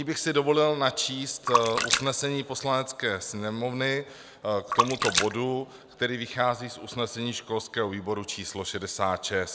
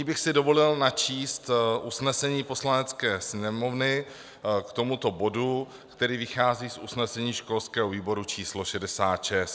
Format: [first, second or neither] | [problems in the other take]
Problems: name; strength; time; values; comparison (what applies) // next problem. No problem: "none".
second | background sound (Splash, splatter); 2 dB below the speech